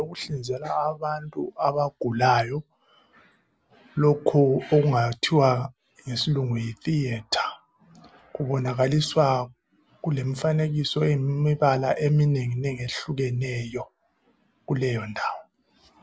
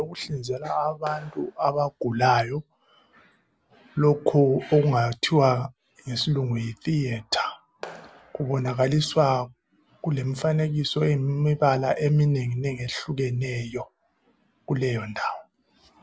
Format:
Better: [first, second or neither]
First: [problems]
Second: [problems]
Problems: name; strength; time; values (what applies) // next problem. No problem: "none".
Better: first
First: none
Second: background sound (Clapping); 19 dB below the speech